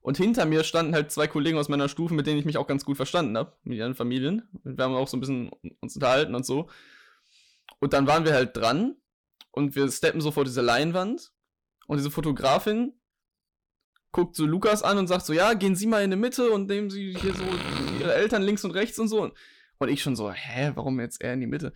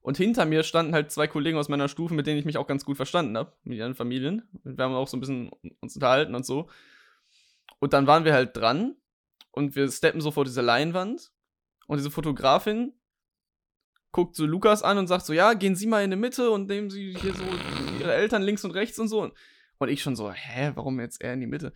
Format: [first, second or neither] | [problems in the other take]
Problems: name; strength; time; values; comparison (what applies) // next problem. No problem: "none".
second | distortion; slight; 10 dB below the speech